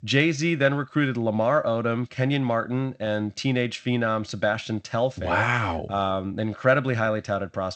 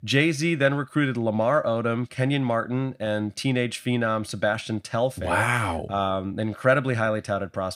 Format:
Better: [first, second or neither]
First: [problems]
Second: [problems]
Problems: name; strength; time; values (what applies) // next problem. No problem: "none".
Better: second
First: garbled, watery; slightly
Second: none